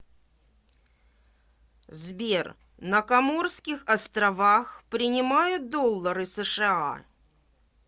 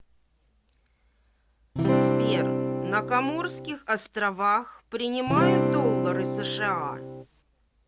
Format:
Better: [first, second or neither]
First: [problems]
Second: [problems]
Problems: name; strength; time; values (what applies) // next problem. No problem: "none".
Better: first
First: none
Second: background sound (Acoustic guitar / Strum); 4 dB above the speech